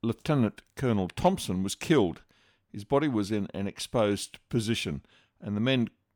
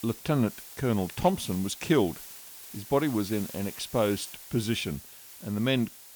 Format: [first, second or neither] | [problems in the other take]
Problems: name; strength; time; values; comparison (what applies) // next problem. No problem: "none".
first | hiss; noticeable; throughout; 15 dB below the speech